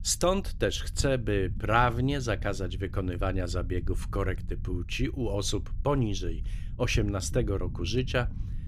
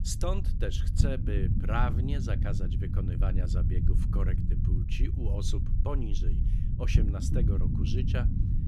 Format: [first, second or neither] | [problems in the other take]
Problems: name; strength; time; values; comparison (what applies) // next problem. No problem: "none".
first | low rumble; loud; throughout; 4 dB below the speech; faint in the first